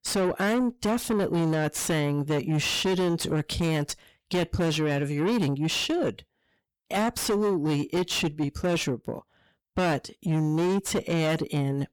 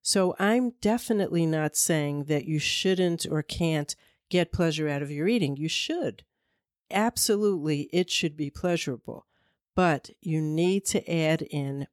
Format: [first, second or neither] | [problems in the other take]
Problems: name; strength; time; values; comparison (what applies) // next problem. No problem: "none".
second | distortion; heavy; 7 dB below the speech